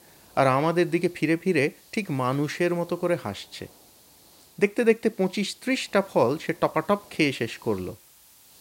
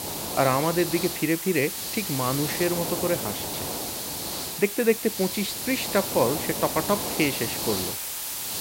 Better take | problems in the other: first | hiss; loud; throughout; 3 dB below the speech; faint in the first

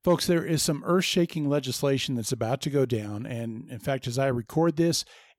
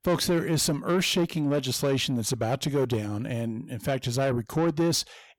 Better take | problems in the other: first | distortion; slight; 10 dB below the speech

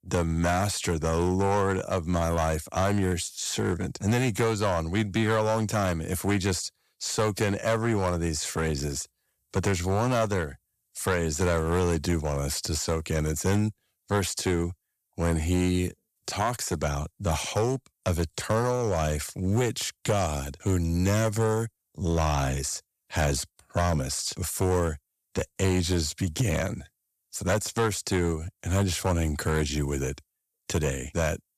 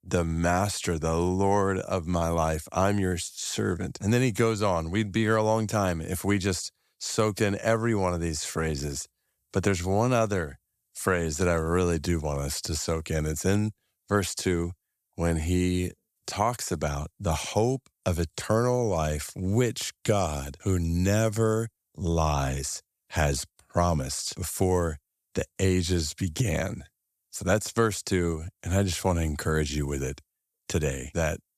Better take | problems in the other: second | distortion; slight; 7% of the sound clipped

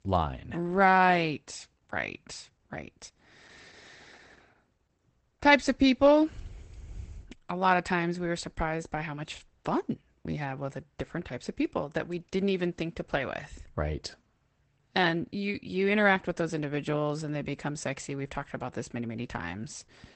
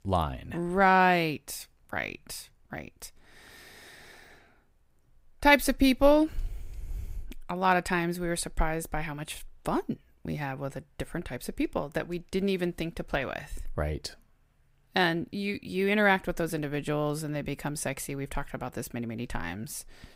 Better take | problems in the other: second | garbled, watery; badly; nothing above 8 kHz

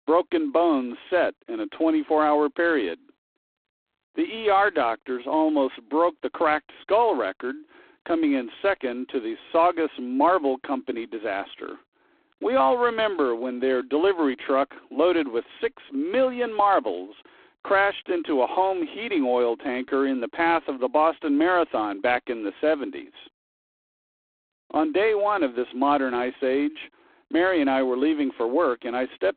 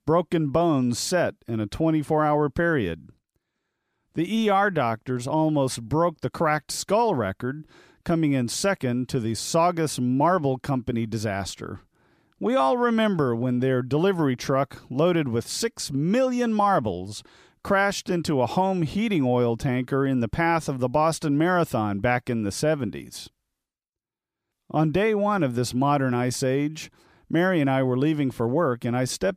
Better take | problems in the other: second | phone-call audio; poor line; nothing above 3.5 kHz

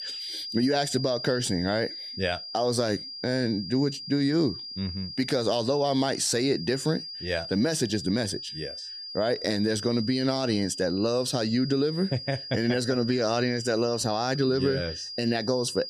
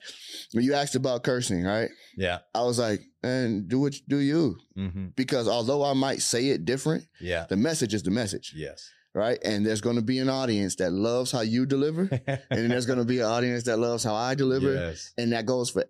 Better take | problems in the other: second | high-pitched whine; loud; throughout; 5 kHz, 8 dB below the speech

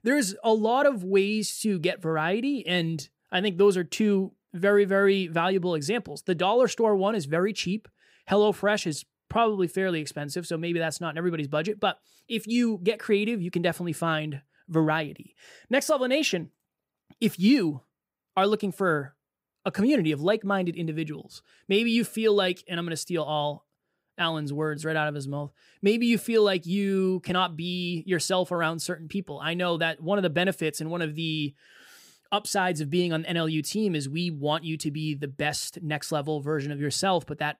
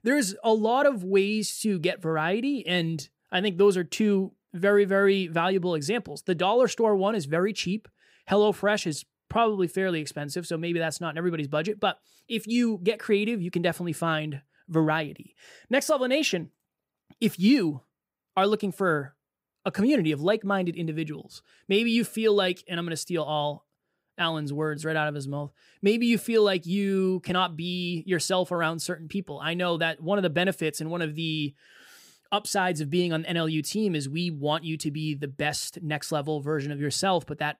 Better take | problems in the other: neither | none

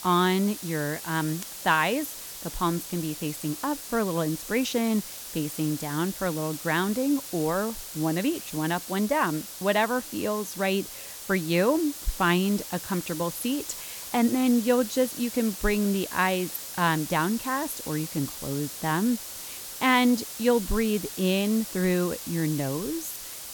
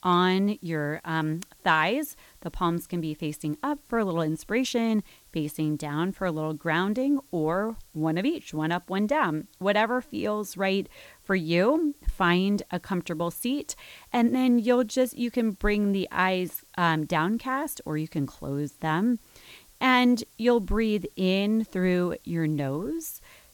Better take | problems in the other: second | hiss; loud; throughout; 9 dB below the speech; faint in the second

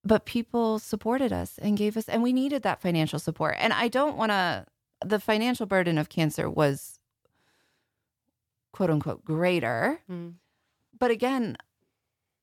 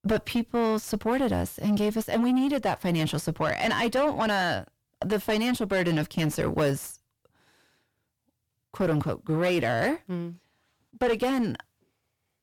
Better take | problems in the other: first | distortion; heavy; 6 dB below the speech

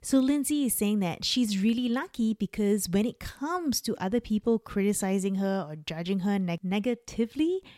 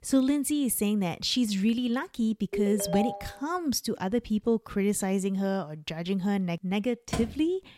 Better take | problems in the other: first | phone ringing; noticeable; at 2.5 s; peak 4 dB below the speech // door banging; noticeable; at 7 s; peak 7 dB below the speech

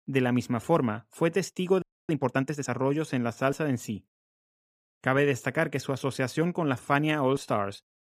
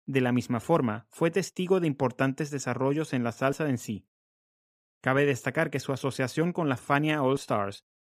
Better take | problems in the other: second | audio freezing; at 2 s

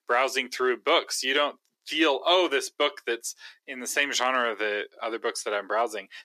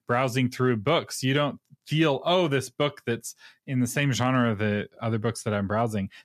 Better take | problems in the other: second | thin; very; fading below 350 Hz

